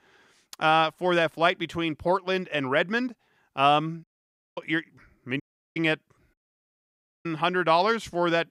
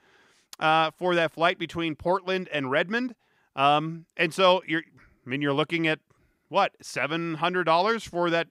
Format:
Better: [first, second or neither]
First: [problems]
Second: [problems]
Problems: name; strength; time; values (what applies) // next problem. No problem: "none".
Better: second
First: audio cutting out; at 4 s for 0.5 s, at 5.5 s and at 6.5 s for 1 s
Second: none